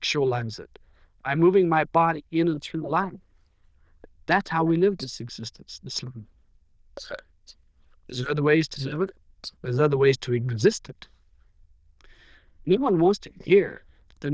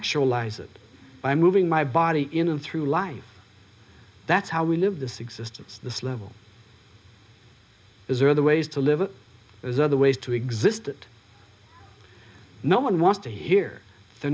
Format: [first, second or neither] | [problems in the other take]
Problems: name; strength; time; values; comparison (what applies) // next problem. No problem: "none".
second | noise reduction (neural diffusion model UNIVERSE++)